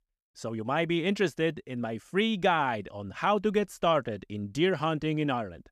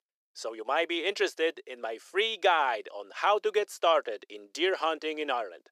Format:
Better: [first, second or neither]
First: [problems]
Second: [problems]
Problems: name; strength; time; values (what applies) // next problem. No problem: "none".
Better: first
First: none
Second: thin; very; fading below 350 Hz